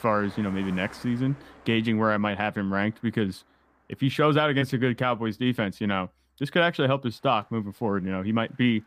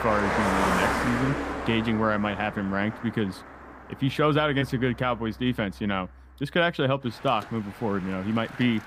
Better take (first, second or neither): first